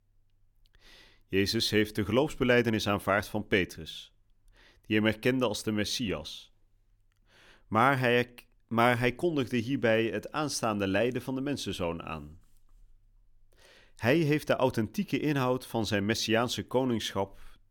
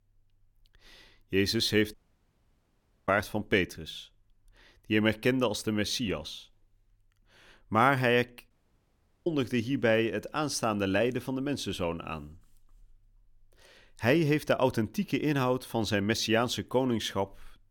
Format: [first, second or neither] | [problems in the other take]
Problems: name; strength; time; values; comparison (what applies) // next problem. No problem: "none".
first | audio cutting out; at 2 s for 1 s and at 8.5 s for 1 s